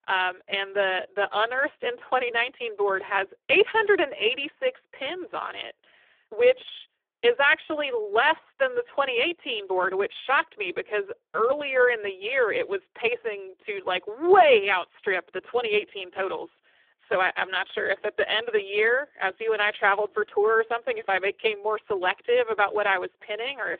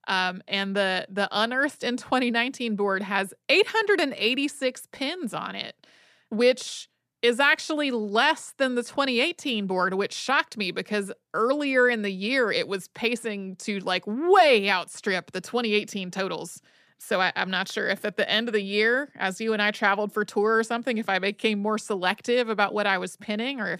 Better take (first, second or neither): second